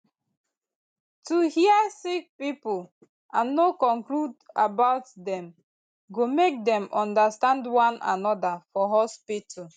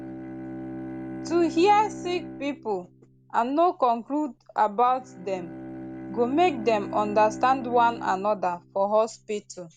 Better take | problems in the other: first | background sound (Bowed string instrument); 13 dB below the speech

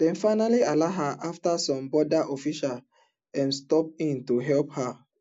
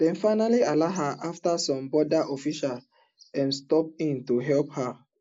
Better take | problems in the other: first | noise reduction (neural mask model Resemble Enhance denoiser)

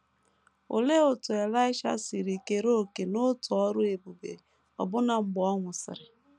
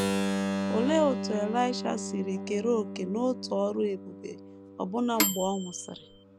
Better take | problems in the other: first | background sound (Microwave oven / Bell + Keyboard (musical)); 3 dB below the speech

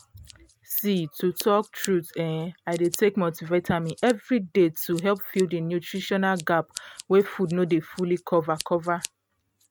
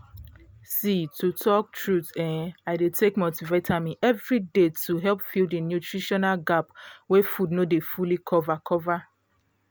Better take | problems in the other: second | noise reduction (neural mask model RNNoise)

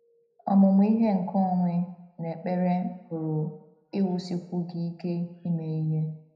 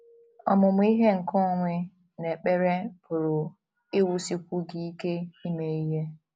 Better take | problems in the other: second | room echo; dies away in 0.7 s

